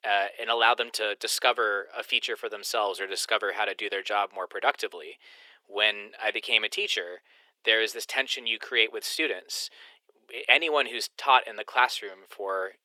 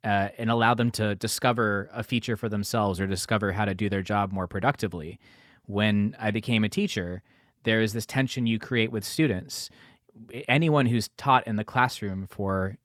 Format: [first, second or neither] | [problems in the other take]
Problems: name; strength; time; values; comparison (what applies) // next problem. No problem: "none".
second | thin; very; fading below 400 Hz